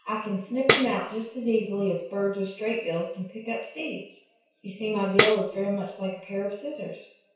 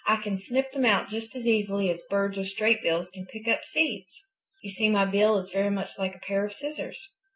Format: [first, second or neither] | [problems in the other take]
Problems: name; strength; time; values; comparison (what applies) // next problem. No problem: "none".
second | background sound (Tambourine); as loud as the speech // room echo; dies away in 0.6 s